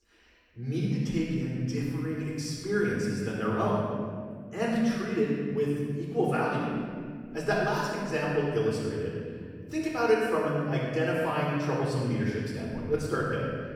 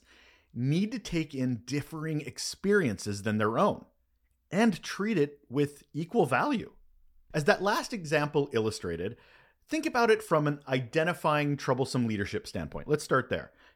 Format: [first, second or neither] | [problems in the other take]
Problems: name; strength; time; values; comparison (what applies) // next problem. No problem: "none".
second | off-mic speech; far // room echo; strong; dies away in 2.5 s